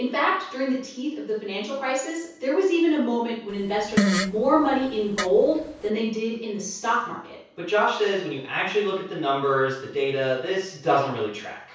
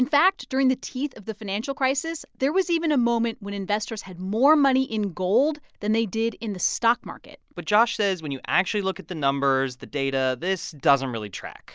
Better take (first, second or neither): second